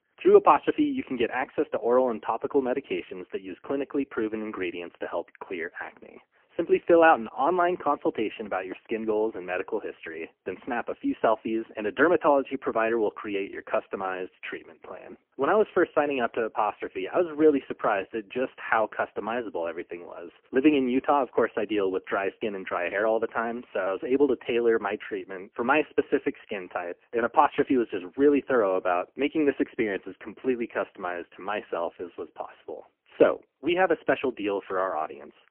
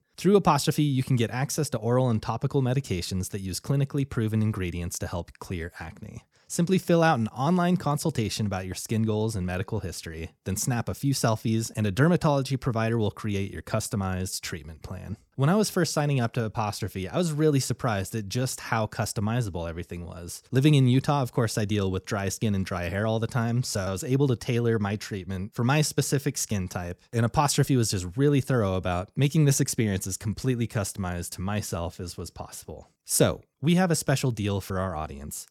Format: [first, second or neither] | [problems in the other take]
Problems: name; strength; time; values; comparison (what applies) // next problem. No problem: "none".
second | phone-call audio; poor line; nothing above 3 kHz